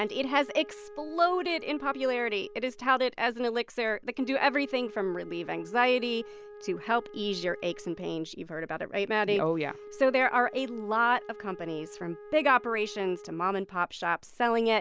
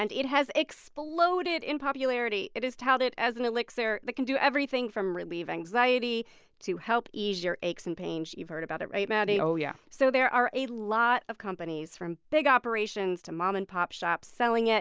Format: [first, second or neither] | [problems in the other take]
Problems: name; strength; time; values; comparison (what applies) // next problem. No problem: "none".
second | background sound (Wind instrument, woodwind instrument); 18 dB below the speech